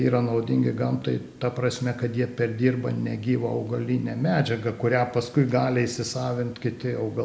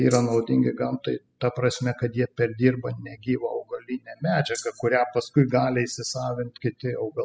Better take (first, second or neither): first